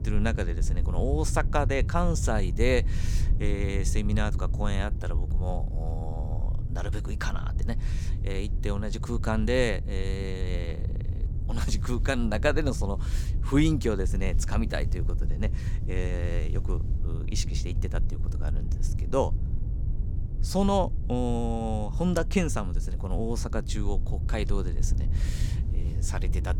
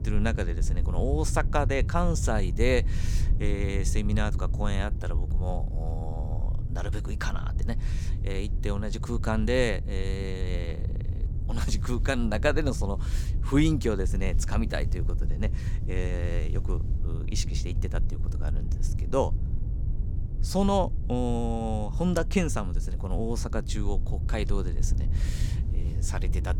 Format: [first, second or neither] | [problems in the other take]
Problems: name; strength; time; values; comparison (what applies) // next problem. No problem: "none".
neither | low rumble; noticeable; throughout; 15 dB below the speech; the same in both